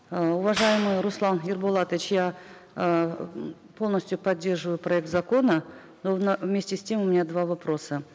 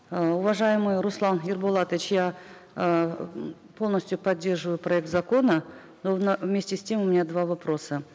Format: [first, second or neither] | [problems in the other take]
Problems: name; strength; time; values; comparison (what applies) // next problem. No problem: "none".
second | background sound (Clapping); 12 dB below the speech